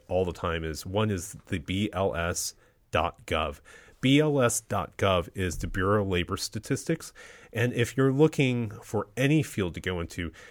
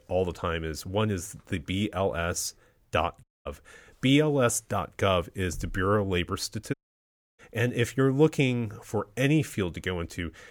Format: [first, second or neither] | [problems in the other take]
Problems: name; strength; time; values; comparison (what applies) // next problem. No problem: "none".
first | audio cutting out; at 3 s and at 6.5 s for 0.5 s